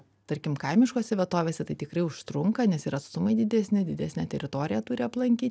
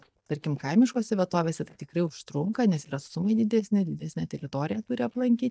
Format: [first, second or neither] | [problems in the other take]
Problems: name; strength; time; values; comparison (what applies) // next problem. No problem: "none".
first | noise reduction (neural mask model DeepFilterNet 3)